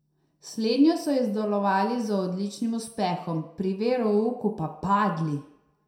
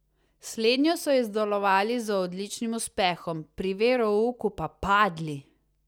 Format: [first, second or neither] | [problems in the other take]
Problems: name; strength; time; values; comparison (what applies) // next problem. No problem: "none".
second | room echo; dies away in 0.5 s